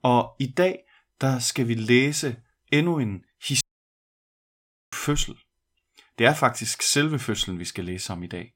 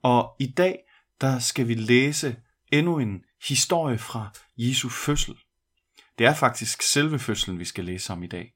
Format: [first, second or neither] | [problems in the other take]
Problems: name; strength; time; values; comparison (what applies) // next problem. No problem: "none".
second | audio cutting out; at 3.5 s for 1.5 s